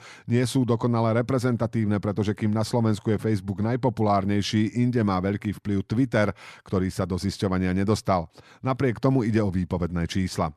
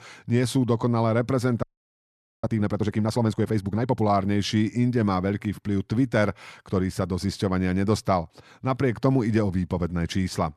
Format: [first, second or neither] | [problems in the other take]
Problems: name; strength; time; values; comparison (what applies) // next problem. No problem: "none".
first | audio freezing; at 1.5 s for 1 s